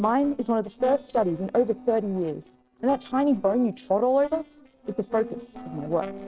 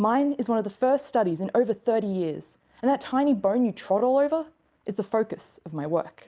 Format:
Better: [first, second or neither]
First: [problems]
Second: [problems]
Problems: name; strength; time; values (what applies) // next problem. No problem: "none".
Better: second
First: noise reduction (neural separator model SepFormer DNS4)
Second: none